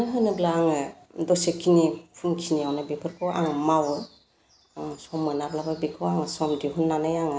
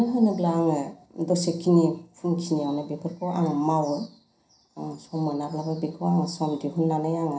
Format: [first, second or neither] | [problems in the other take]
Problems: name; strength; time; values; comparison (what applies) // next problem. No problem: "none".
first | room echo; dies away in 0.3 s